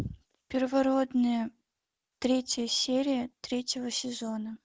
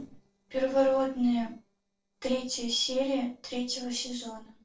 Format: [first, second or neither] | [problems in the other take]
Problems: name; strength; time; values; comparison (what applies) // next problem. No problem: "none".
first | noise reduction (neural separator model SepFormer DNS4)